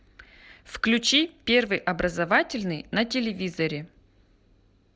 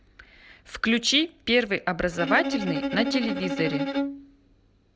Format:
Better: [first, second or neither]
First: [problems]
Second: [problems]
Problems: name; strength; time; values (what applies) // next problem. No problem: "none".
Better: first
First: none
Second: background sound (Bowed string instrument); 3 dB below the speech